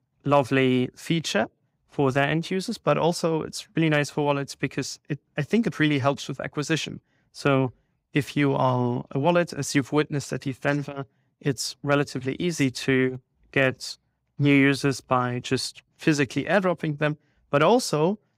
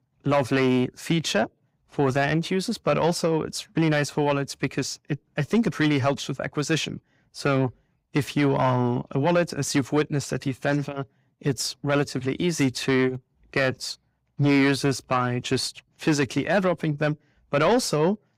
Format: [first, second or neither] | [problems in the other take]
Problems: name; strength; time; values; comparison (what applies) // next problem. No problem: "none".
first | distortion; slight; 10 dB below the speech